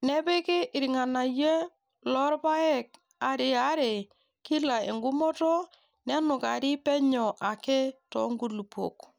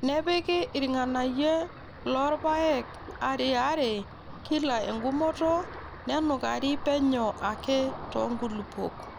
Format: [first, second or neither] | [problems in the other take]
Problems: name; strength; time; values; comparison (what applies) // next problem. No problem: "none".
first | background sound (Ocean); 13 dB below the speech